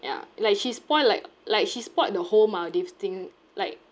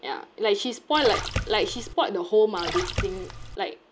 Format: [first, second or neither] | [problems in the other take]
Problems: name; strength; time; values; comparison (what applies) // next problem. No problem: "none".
first | background sound (Splash, splatter); 5 dB below the speech